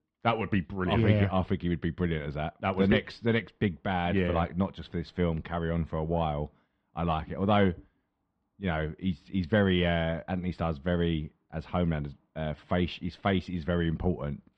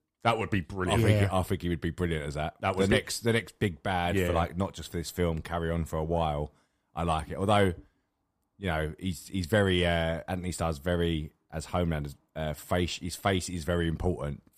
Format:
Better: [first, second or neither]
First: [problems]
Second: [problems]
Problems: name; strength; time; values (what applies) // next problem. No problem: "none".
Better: second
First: muffled; slightly; fading above 3.5 kHz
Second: none